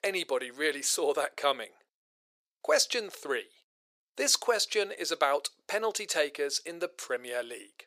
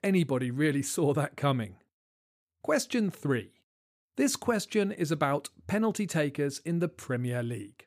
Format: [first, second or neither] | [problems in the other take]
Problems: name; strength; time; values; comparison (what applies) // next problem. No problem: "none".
second | thin; very; fading below 450 Hz